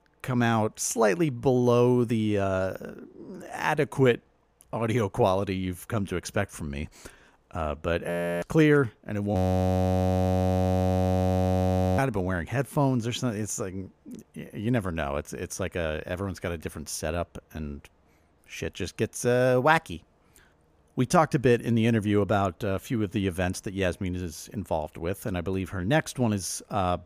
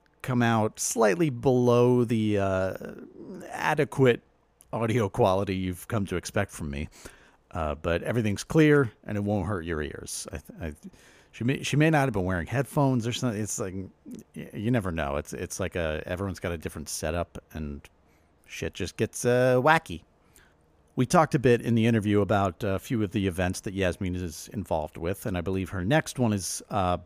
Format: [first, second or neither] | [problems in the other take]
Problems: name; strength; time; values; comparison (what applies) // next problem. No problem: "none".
second | audio freezing; at 8 s and at 9.5 s for 2.5 s